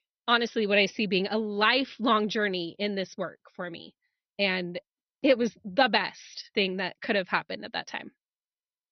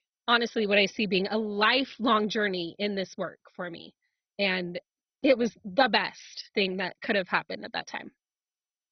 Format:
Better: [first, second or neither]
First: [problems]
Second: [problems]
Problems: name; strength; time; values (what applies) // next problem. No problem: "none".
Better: first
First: garbled, watery; slightly; nothing above 6 kHz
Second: garbled, watery; badly; nothing above 6 kHz